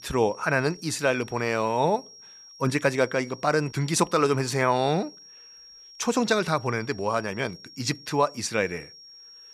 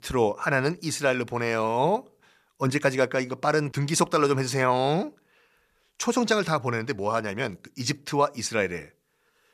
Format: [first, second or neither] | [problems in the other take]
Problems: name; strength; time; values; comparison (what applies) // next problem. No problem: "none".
second | high-pitched whine; noticeable; throughout; 5.5 kHz, 20 dB below the speech